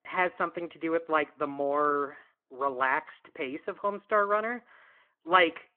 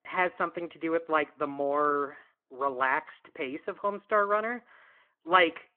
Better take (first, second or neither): neither